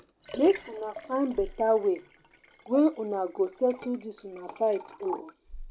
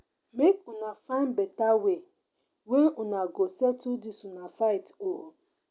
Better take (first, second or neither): second